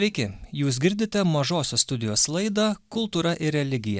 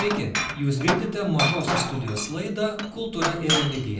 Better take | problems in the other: first | background sound (Glass); 2 dB below the speech // room echo; dies away in 0.6 s

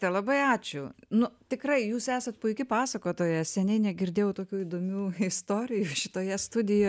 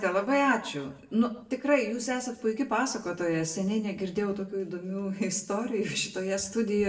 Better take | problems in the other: first | room echo; dies away in 0.6 s

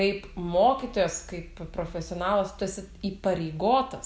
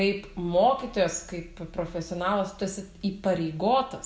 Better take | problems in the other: first | room echo; dies away in 0.4 s

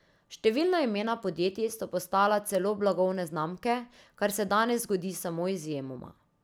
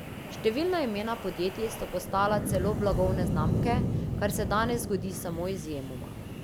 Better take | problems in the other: first | background sound (Wind); 1 dB below the speech

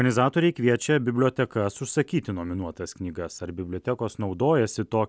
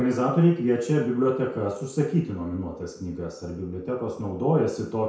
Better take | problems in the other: first | room echo; dies away in 0.5 s

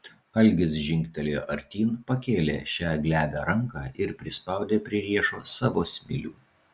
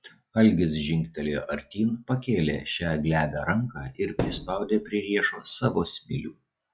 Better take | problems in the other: first | noise reduction (classical method log-MMSE)

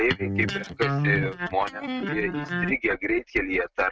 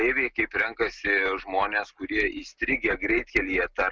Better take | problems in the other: second | noise reduction (neural mask model RNNoise)

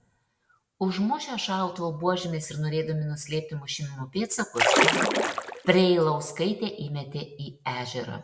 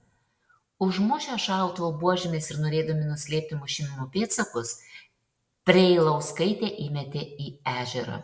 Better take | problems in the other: second | background sound (Splash, splatter); 4 dB above the speech

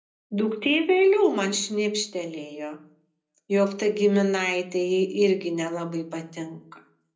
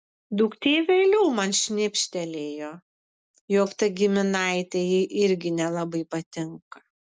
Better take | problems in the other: second | room echo; dies away in 0.5 s

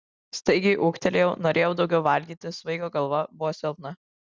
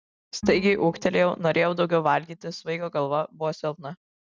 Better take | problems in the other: first | noise reduction (neural mask model RNNoise)

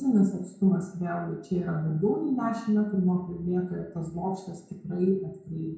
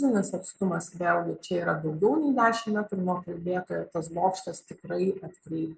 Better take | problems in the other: second | room echo; dies away in 0.6 s

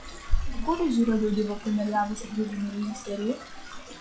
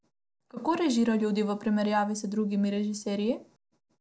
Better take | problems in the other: second | noise reduction (classical method log-MMSE)

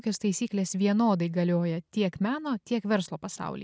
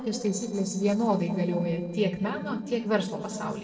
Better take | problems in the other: first | noise reduction (neural separator model SepFormer DNS4)

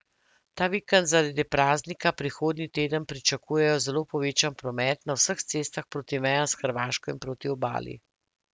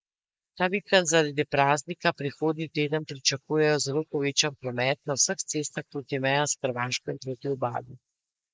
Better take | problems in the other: first | noise reduction (neural mask model Resemble Enhance denoiser)

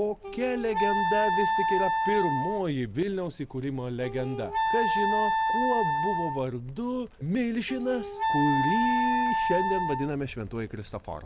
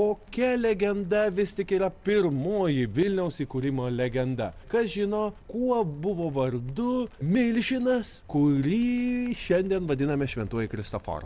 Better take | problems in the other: second | background sound (Wind instrument, woodwind instrument); 1 dB above the speech

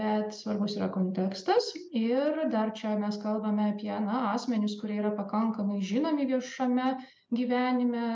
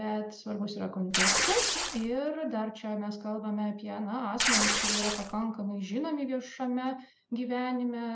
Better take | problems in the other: first | background sound (Tearing); 5 dB above the speech

